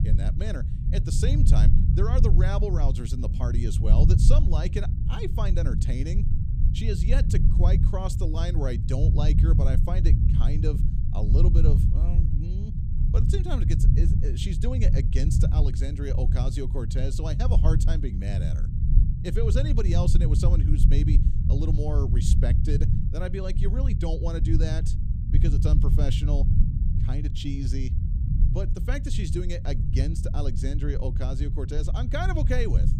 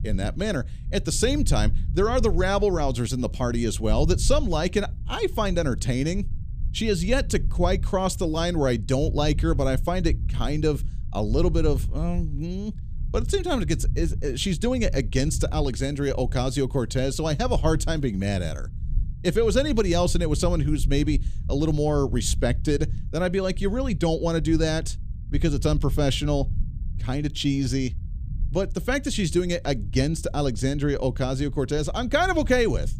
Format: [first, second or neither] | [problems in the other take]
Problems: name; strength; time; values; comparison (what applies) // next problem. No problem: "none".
second | low rumble; loud; throughout; 3 dB below the speech; faint in the second